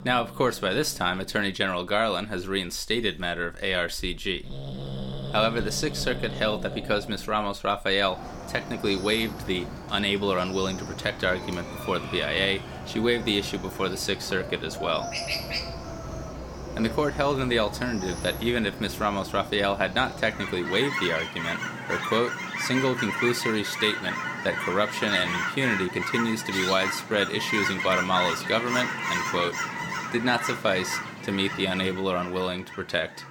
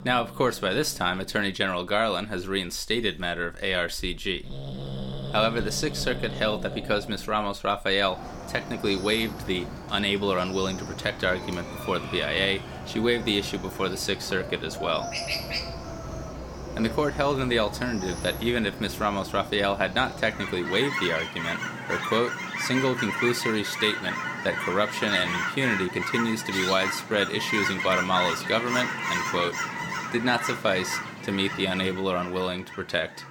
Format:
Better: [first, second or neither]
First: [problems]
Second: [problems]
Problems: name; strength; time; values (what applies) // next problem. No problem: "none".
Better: neither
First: animal sounds; loud; throughout; 5 dB below the speech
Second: animal sounds; loud; throughout; 5 dB below the speech